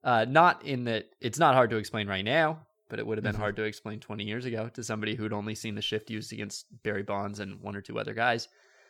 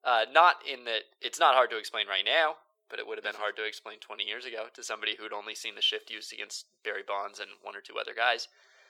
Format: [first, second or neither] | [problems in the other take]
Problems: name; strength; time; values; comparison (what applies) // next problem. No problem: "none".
first | thin; very; fading below 450 Hz